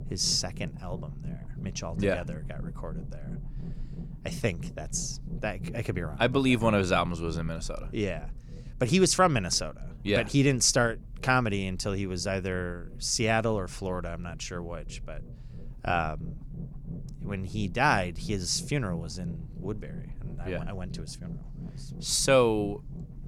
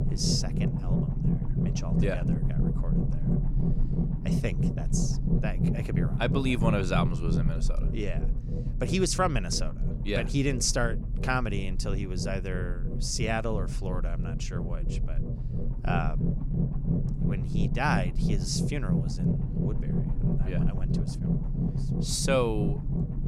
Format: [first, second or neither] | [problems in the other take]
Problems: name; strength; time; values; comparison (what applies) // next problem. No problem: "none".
first | low rumble; loud; throughout; 7 dB below the speech; faint in the first